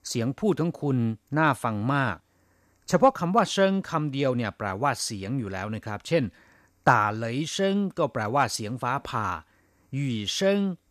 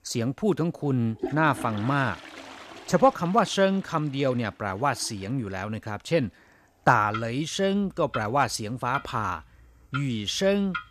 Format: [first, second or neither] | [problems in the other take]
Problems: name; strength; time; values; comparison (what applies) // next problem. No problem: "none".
first | household noises; noticeable; throughout; 15 dB below the speech